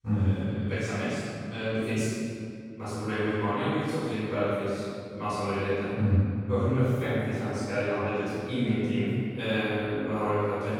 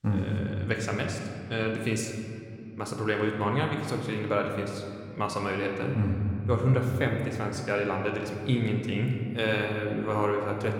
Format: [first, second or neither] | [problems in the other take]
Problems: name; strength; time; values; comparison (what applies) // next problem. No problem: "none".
second | room echo; strong; dies away in 2.2 s; slight in the second // off-mic speech; far